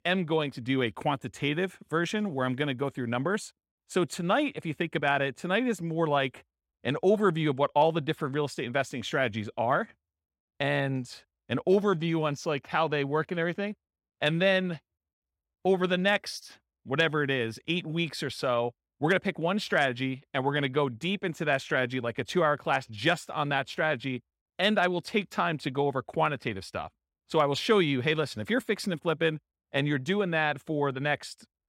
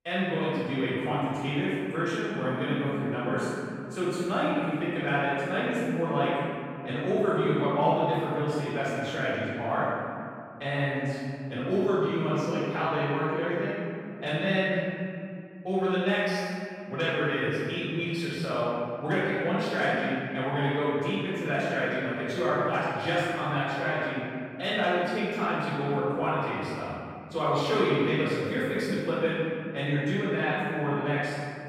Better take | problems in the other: first | off-mic speech; far // room echo; strong; dies away in 2.2 s

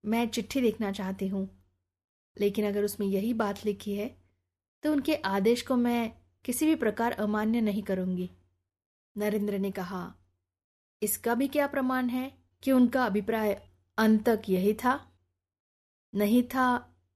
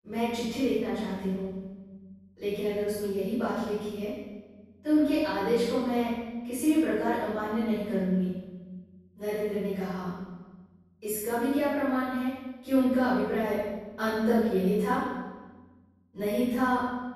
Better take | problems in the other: first | off-mic speech; far // room echo; strong; dies away in 1.1 s

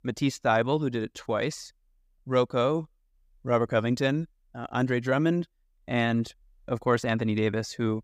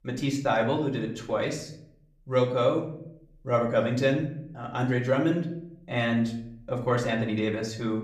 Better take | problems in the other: first | room echo; slight; dies away in 0.5 s // off-mic speech; far

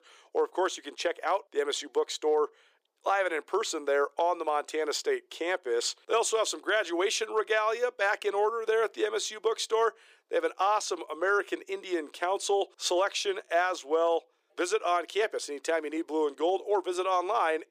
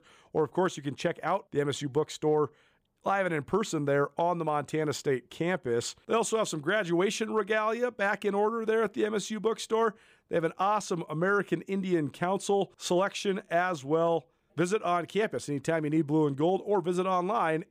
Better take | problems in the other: second | thin; very; fading below 350 Hz

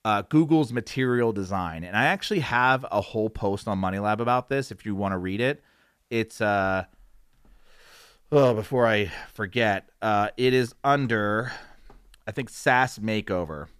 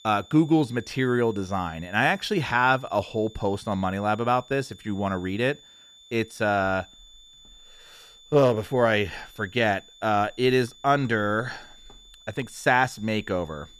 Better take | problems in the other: first | high-pitched whine; faint; throughout; 3.5 kHz, 25 dB below the speech

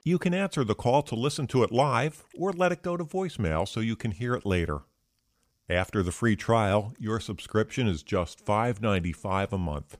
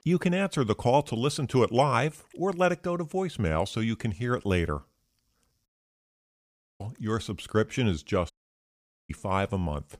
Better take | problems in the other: first | audio cutting out; at 5.5 s for 1 s and at 8.5 s for 1 s

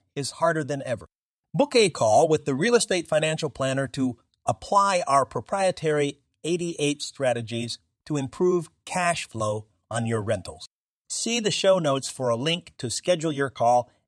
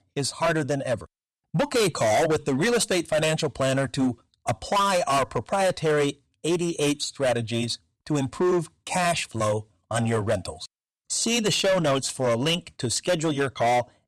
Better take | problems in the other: first | distortion; heavy; 14% of the sound clipped

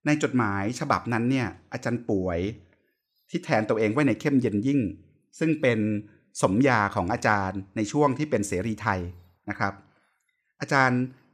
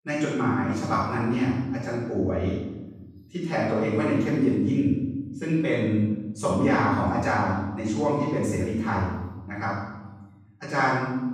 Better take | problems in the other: first | off-mic speech; far // room echo; strong; dies away in 1.2 s

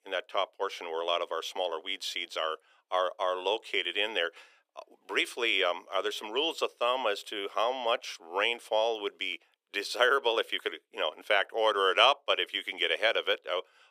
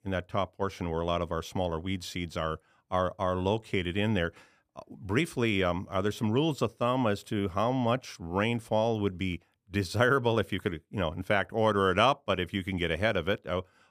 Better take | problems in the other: second | thin; very; fading below 400 Hz

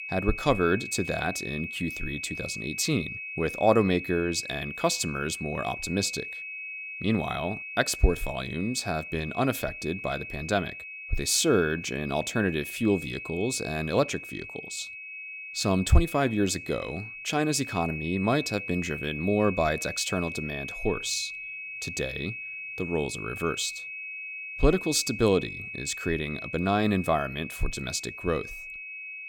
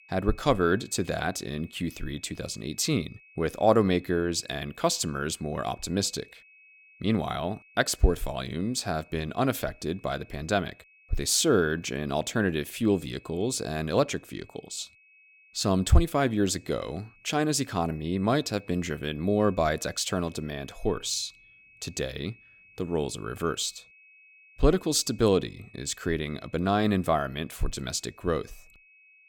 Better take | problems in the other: second | high-pitched whine; loud; throughout; 2.5 kHz, 8 dB below the speech; faint in the second

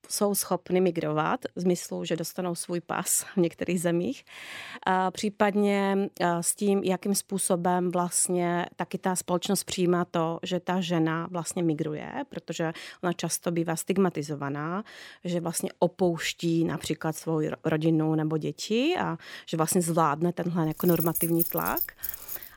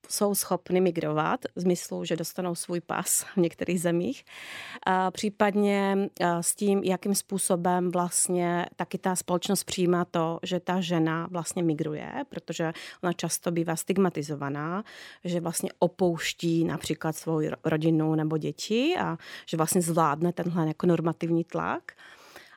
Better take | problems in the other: second | jangling keys; loud; from 21 s on; peak 1 dB above the speech

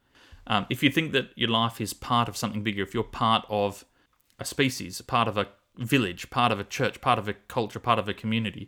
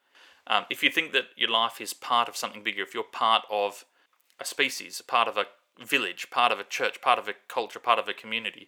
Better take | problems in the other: first | thin; very; fading below 550 Hz

